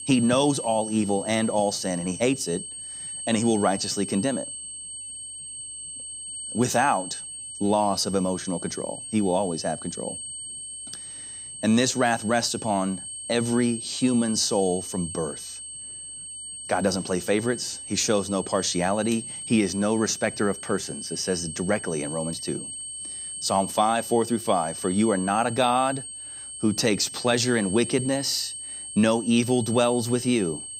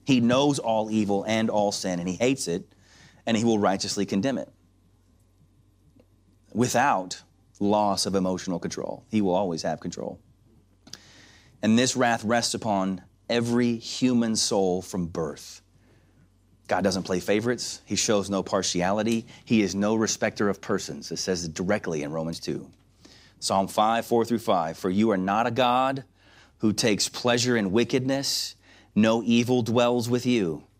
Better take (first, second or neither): second